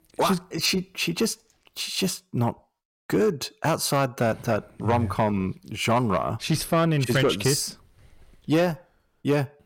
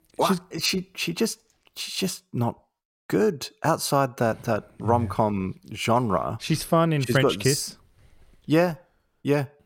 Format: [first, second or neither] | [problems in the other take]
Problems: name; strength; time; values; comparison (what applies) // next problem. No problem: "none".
second | distortion; slight; 10 dB below the speech